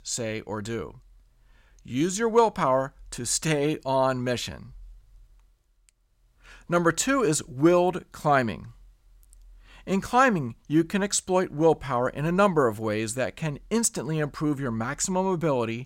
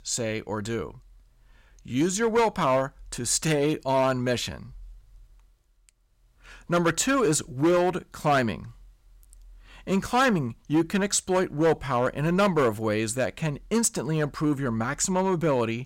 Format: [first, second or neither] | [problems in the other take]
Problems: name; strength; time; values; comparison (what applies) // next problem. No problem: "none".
first | distortion; slight; 5% of the sound clipped